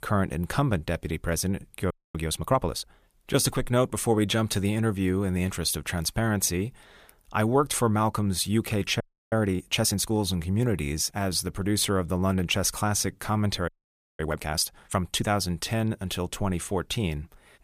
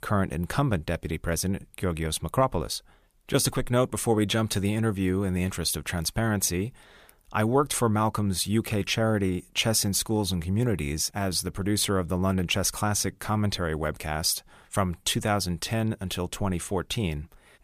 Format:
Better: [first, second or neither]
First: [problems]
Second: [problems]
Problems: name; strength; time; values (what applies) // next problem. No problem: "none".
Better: second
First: audio freezing; at 2 s, at 9 s and at 14 s for 0.5 s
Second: none